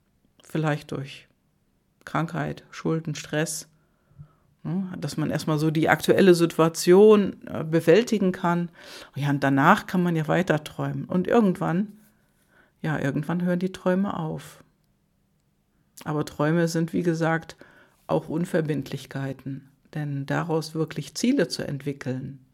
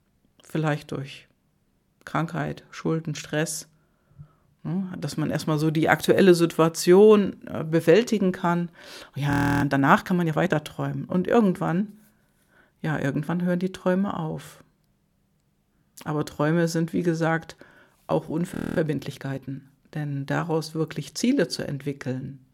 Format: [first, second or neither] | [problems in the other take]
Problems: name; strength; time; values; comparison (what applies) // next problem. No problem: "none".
first | audio freezing; at 9.5 s and at 19 s